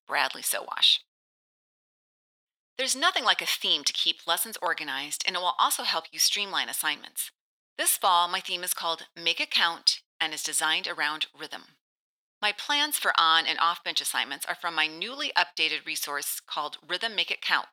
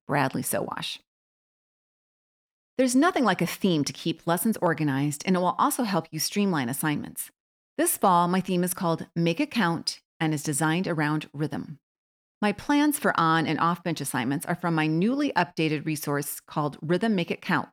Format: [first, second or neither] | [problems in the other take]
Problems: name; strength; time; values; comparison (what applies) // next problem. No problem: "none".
second | thin; very; fading below 900 Hz